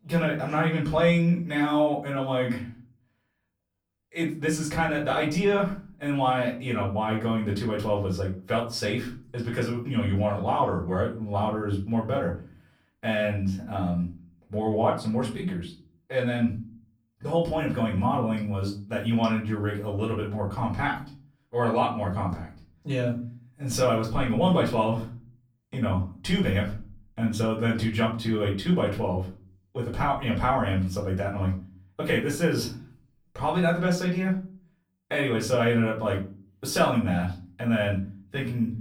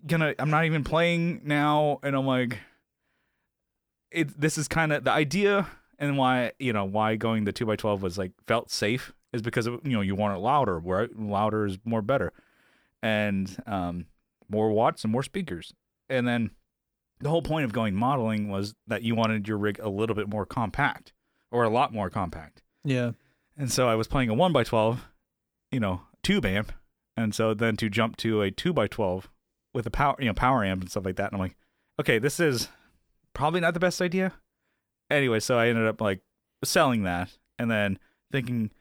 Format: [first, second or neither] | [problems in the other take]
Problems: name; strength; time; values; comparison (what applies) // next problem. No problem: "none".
second | off-mic speech; far // room echo; slight; dies away in 0.4 s